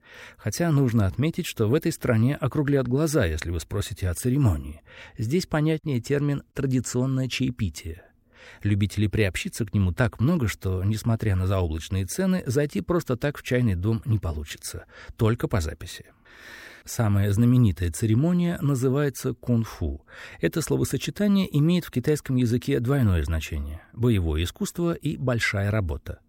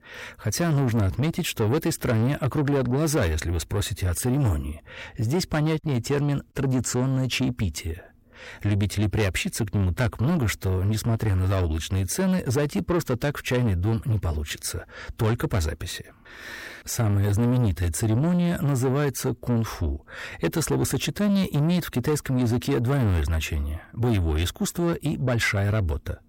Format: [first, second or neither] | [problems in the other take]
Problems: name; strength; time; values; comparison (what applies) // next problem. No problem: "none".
first | distortion; slight; 10 dB below the speech